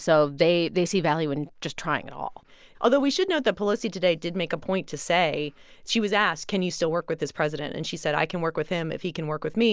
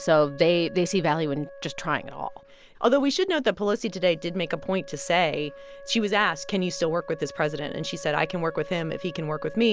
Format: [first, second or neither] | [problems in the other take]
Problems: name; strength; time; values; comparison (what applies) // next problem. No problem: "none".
first | background sound (Wind instrument, woodwind instrument); 18 dB below the speech